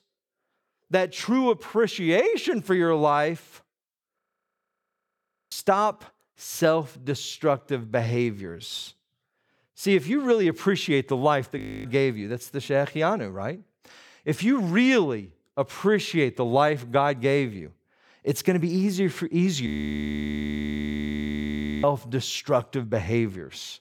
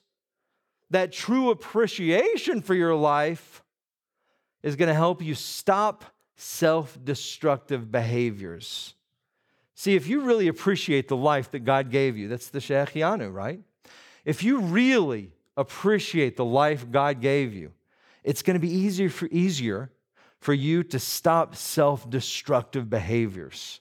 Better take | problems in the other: second | audio freezing; at 4 s for 1.5 s, at 12 s and at 20 s for 2 s

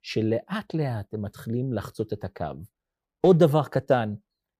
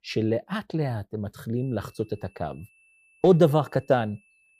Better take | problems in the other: first | high-pitched whine; faint; from 1.5 s on; 2.5 kHz, 35 dB below the speech

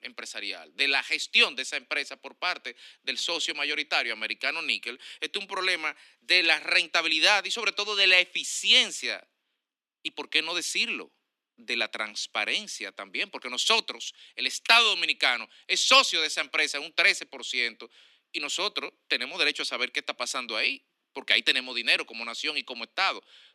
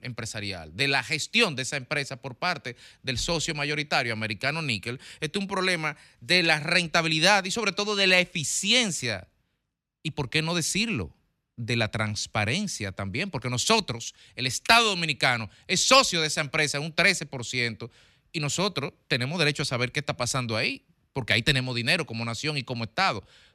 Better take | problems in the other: second | thin; somewhat; fading below 250 Hz

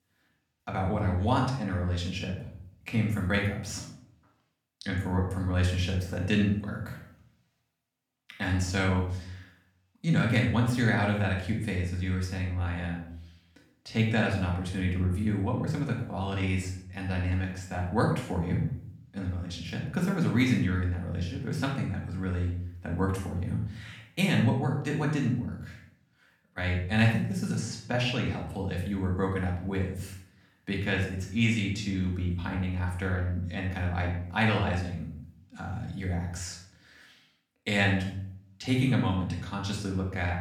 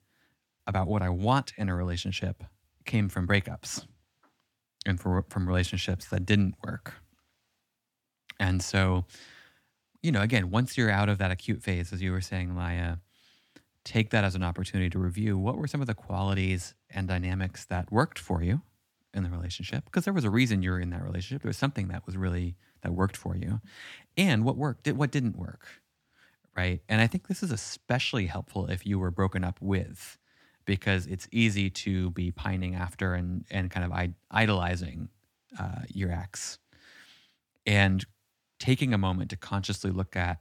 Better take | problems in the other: second | off-mic speech; far // room echo; noticeable; dies away in 0.5 s

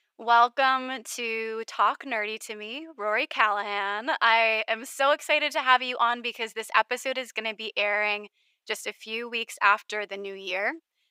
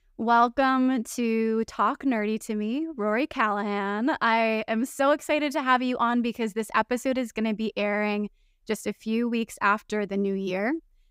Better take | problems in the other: second | thin; very; fading below 650 Hz

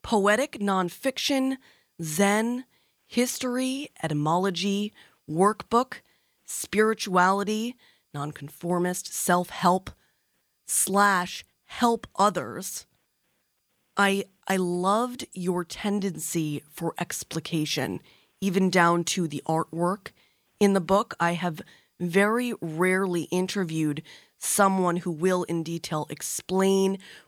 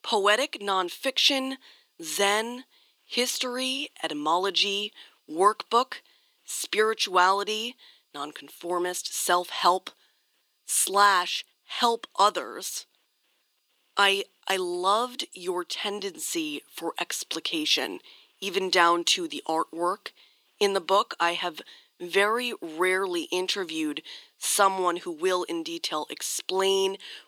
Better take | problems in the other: first | thin; somewhat; fading below 300 Hz

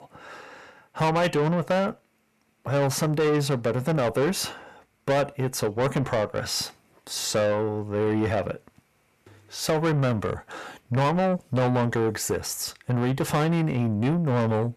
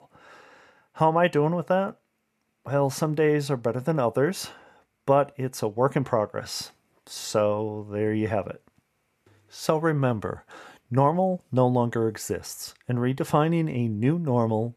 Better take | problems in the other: second | distortion; heavy; 7 dB below the speech

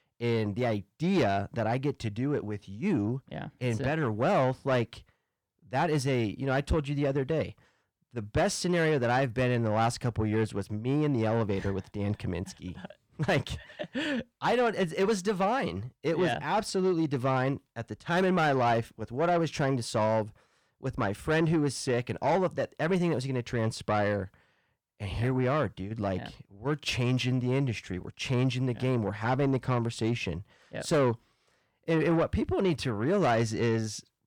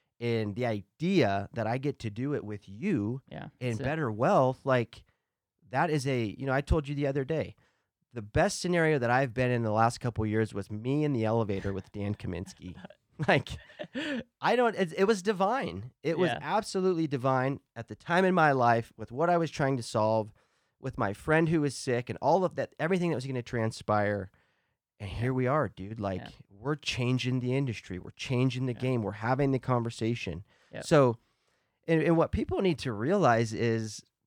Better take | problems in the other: second | distortion; slight; 10 dB below the speech

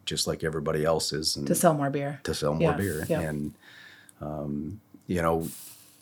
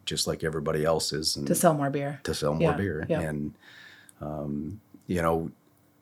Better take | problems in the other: second | hiss; noticeable; from 2 s on; 15 dB below the speech

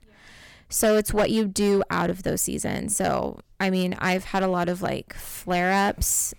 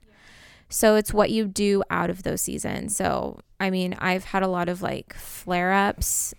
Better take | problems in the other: second | distortion; slight; 4% of the sound clipped

